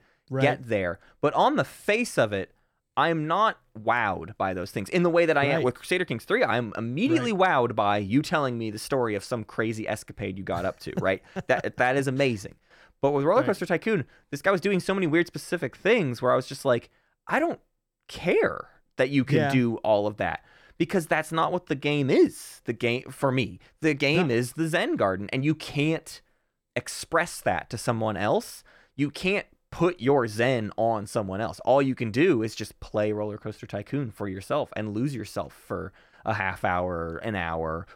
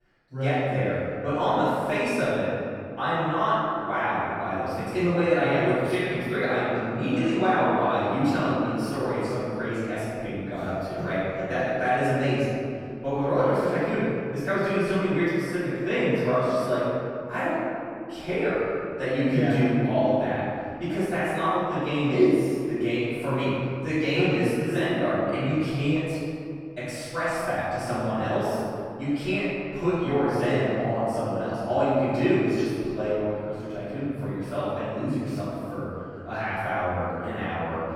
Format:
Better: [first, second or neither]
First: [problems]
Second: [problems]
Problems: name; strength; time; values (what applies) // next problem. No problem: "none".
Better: first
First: none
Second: room echo; strong; dies away in 2.3 s // off-mic speech; far